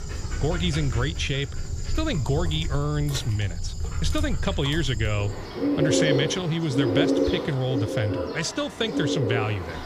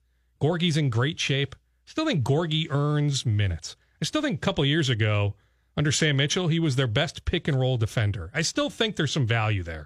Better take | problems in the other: second | animal sounds; loud; throughout; 2 dB below the speech

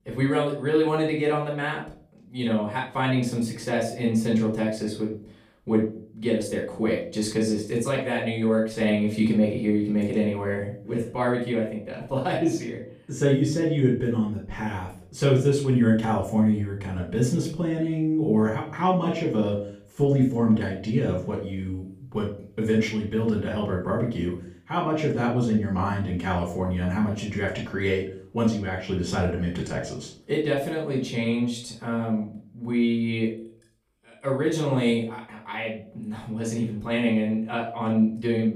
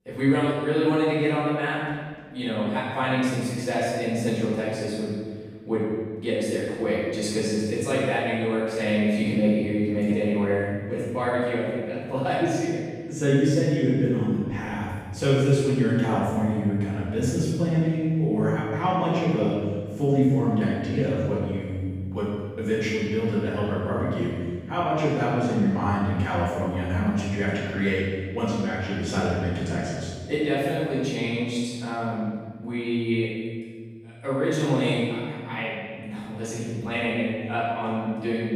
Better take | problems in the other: first | room echo; strong; dies away in 1.6 s; slight in the first // off-mic speech; far; far in the first

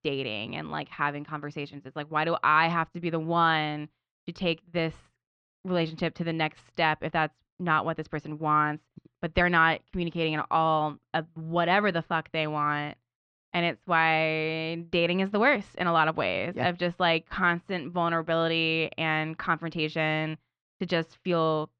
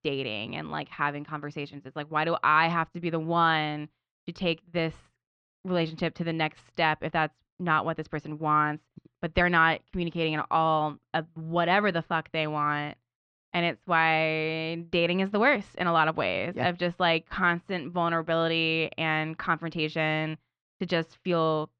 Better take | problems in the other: neither | muffled; slightly; fading above 3.5 kHz; the same in both

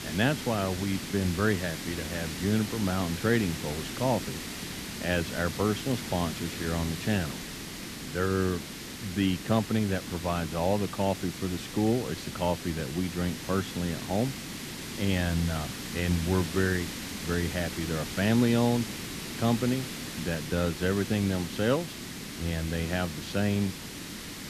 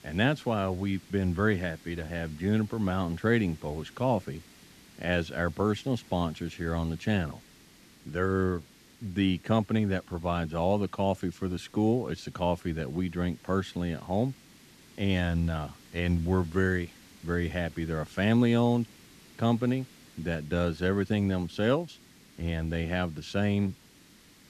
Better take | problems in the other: second | hiss; loud; throughout; 7 dB below the speech; faint in the second

